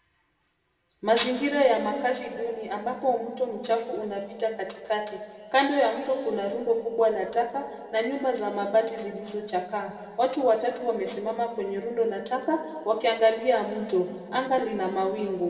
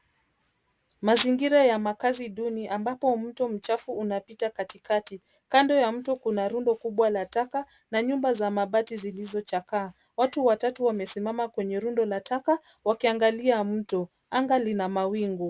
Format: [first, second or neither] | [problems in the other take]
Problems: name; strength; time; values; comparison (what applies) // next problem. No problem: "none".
second | room echo; dies away in 2 s